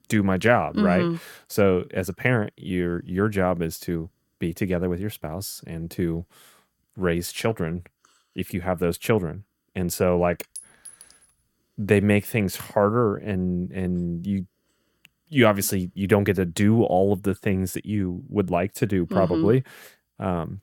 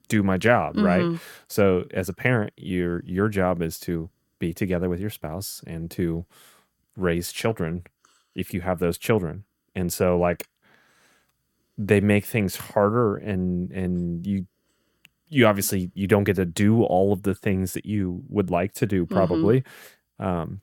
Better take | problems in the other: second | clattering dishes; faint; at 11 s; peak 15 dB below the speech

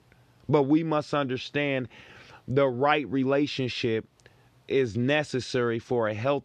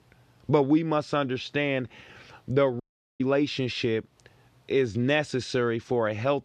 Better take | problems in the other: first | audio cutting out; at 3 s

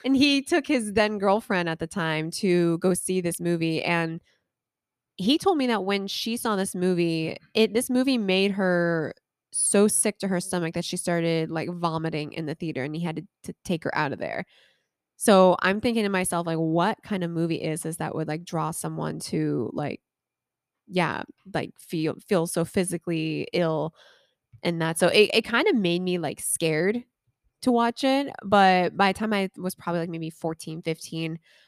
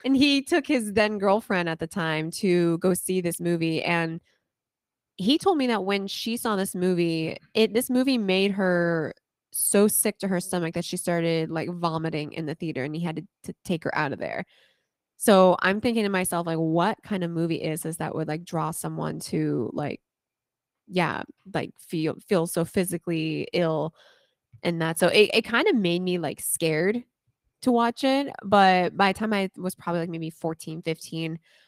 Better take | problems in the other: first | garbled, watery; slightly; nothing above 15.5 kHz

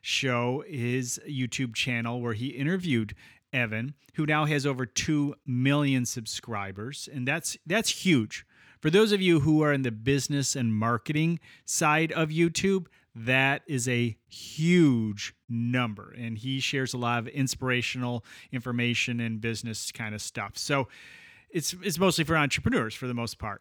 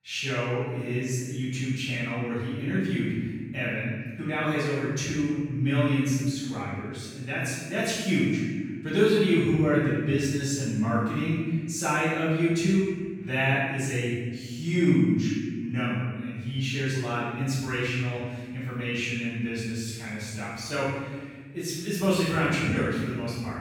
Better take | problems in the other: first | room echo; strong; dies away in 1.5 s // off-mic speech; far

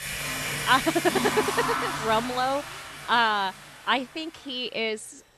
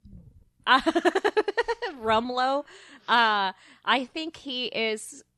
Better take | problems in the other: second | household noises; loud; throughout; 3 dB below the speech

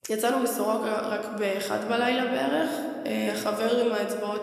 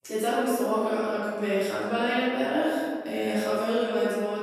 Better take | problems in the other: first | room echo; strong; dies away in 1.8 s; slight in the first // off-mic speech; far

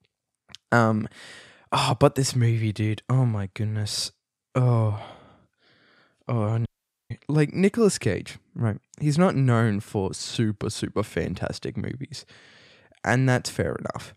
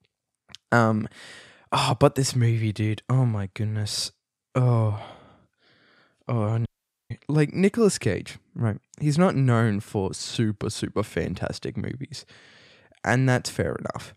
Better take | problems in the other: neither | audio cutting out; at 6.5 s; the same in both

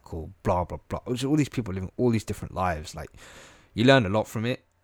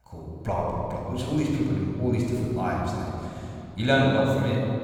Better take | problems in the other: first | off-mic speech; somewhat distant // room echo; strong; dies away in 3 s

